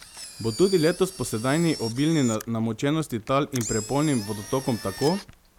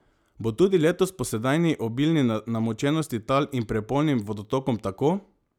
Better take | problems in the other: second | background sound (Engine); 14 dB below the speech

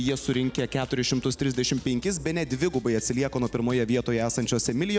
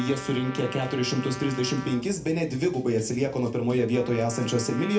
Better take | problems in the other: first | background sound (Trumpet); 15 dB below the speech // room echo; dies away in 0.3 s

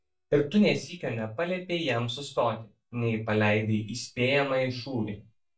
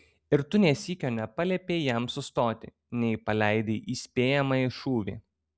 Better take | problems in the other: second | noise reduction (neural mask model DeepFilterNet 3)

